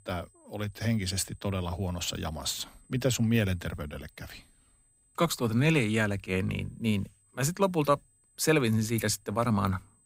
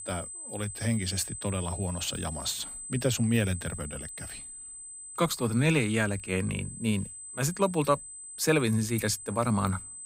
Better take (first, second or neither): first